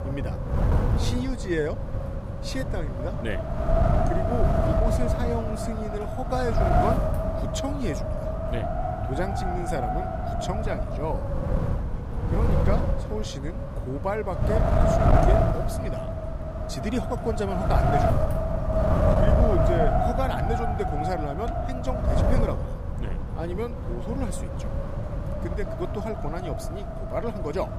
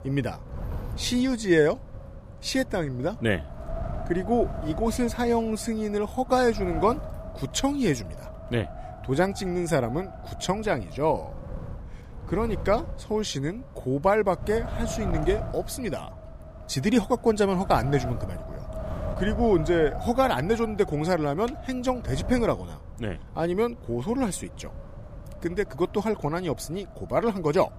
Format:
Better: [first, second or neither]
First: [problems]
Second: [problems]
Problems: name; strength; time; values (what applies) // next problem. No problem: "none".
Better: second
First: wind noise on the microphone; heavy; 4 dB above the speech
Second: wind noise on the microphone; occasional gusts; 15 dB below the speech